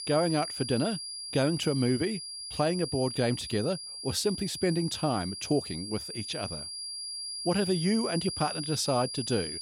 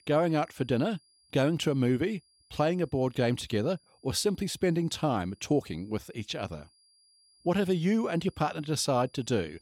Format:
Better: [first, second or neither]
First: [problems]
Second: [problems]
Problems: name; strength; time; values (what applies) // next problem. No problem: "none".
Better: second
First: high-pitched whine; loud; throughout; 5 kHz, 6 dB below the speech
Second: high-pitched whine; faint; throughout; 5 kHz, 35 dB below the speech